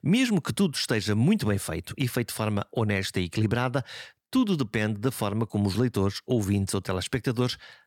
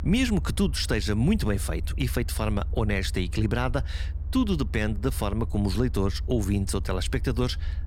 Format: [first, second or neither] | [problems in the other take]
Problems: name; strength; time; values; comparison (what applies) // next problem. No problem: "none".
first | low rumble; faint; throughout; 20 dB below the speech